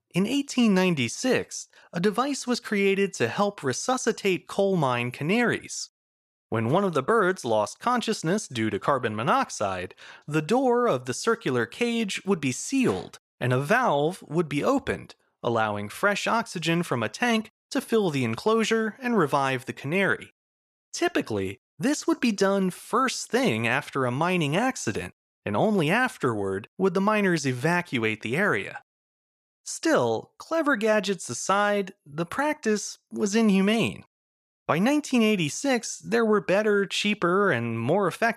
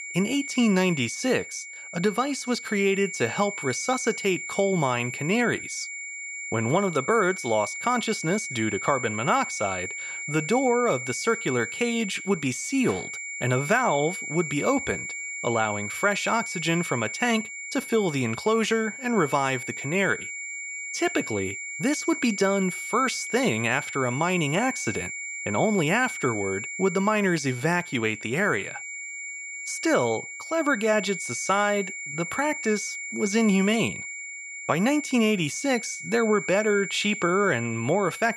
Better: first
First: none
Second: high-pitched whine; loud; throughout; 2 kHz, 7 dB below the speech

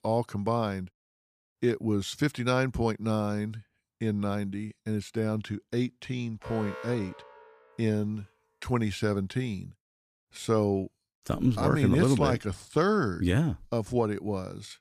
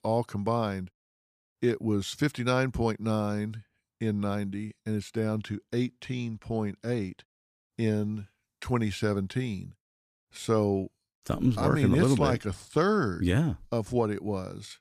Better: second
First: alarm; faint; from 6.5 to 8 s; peak 10 dB below the speech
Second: none

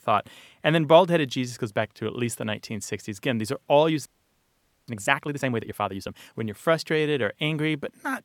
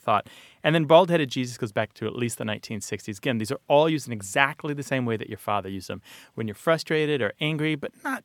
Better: second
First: audio freezing; at 4 s for 1 s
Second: none

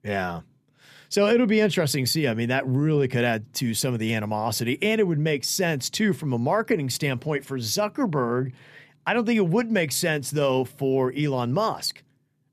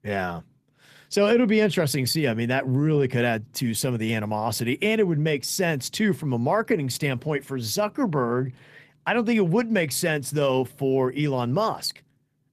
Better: first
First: none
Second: garbled, watery; slightly; nothing above 14.5 kHz

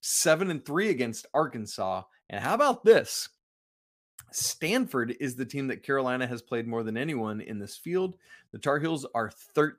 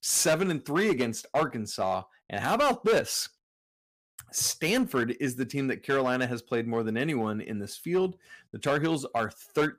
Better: first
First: none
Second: distortion; heavy; 5% of the sound clipped

